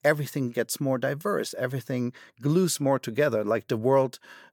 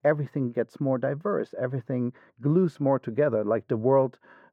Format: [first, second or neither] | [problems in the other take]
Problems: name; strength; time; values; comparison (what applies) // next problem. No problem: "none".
first | muffled; very; fading above 3 kHz